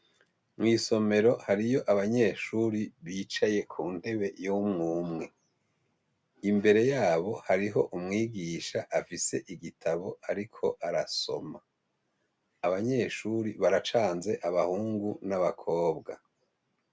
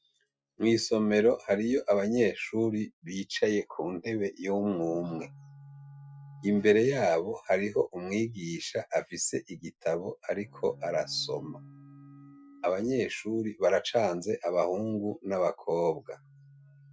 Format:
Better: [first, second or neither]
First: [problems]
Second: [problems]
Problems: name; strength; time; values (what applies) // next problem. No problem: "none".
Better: first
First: none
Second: noise reduction (classical method Wiener filter)